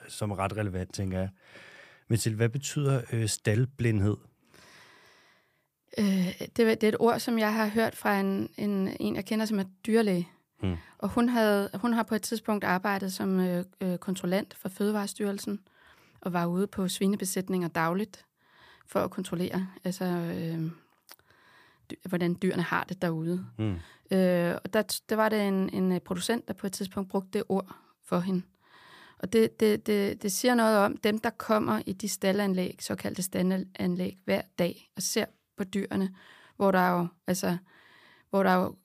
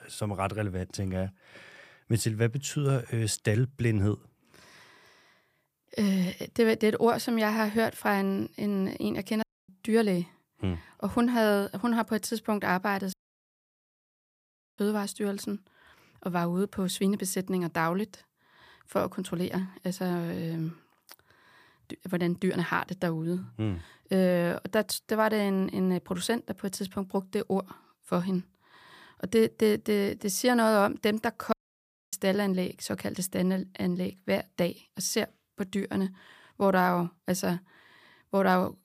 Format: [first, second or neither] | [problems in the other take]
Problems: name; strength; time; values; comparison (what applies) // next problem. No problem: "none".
first | audio cutting out; at 9.5 s, at 13 s for 1.5 s and at 32 s for 0.5 s